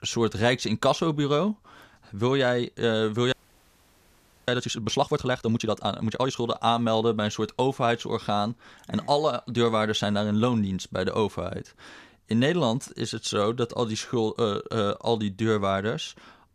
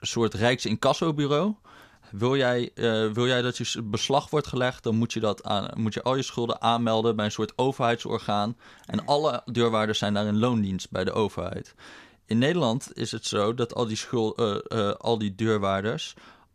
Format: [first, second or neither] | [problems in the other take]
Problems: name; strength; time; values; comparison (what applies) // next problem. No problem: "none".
second | audio freezing; at 3.5 s for 1 s